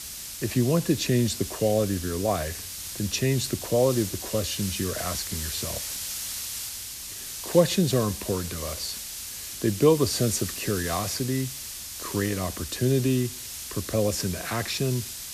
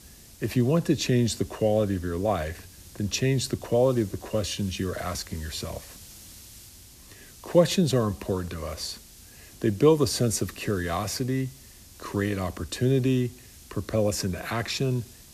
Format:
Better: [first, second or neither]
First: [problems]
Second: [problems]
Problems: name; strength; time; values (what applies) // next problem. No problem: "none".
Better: second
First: hiss; loud; throughout; 7 dB below the speech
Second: hiss; faint; throughout; 20 dB below the speech